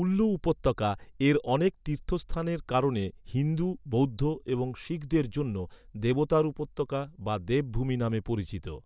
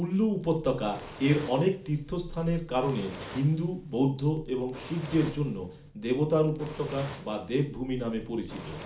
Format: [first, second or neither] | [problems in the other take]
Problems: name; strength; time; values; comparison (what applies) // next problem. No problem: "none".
first | background sound (Fire); 18 dB below the speech // room echo; dies away in 0.4 s